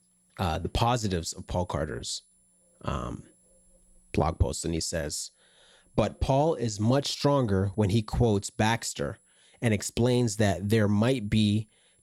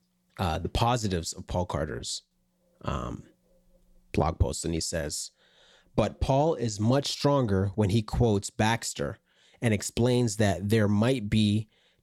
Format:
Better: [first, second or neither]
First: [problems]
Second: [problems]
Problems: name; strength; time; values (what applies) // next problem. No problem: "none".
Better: second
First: high-pitched whine; faint; throughout; 10 kHz, 35 dB below the speech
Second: none